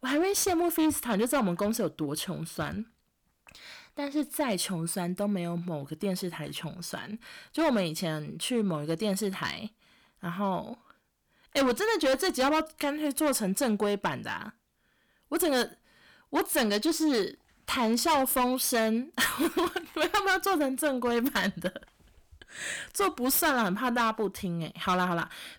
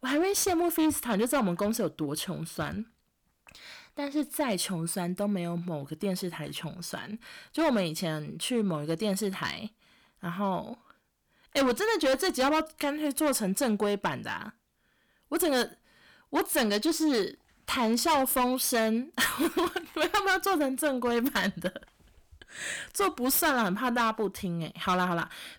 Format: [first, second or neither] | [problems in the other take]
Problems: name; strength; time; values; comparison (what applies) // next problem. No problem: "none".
neither | distortion; heavy; 8% of the sound clipped; the same in both